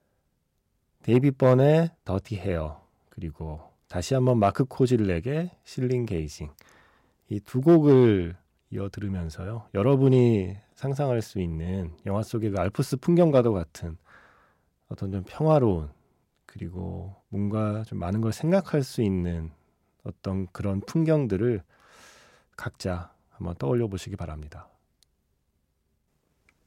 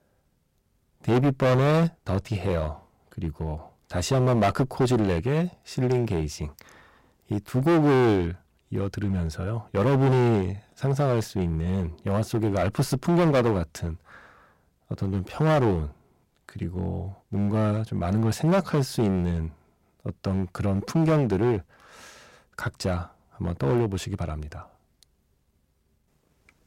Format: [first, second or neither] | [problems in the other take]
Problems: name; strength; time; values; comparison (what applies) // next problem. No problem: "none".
first | distortion; heavy; 9% of the sound clipped